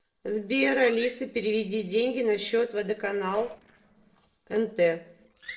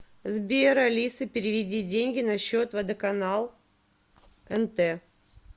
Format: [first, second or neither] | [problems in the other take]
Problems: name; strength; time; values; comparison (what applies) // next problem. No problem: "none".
second | noise reduction (neural separator model SepFormer DNS4)